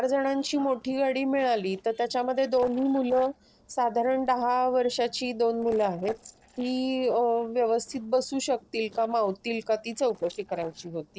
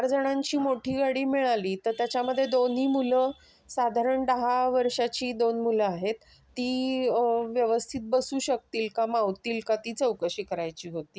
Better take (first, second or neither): second